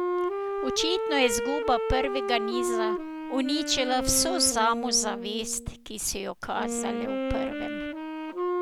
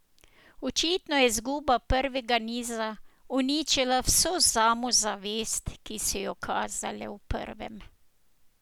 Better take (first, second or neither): second